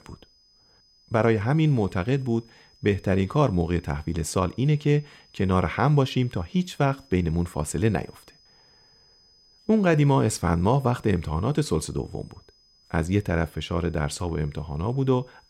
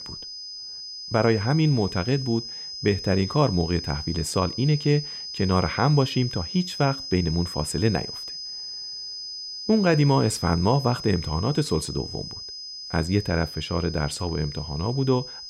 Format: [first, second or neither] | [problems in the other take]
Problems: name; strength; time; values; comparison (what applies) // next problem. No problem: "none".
first | high-pitched whine; loud; throughout; 5 kHz, 9 dB below the speech; faint in the first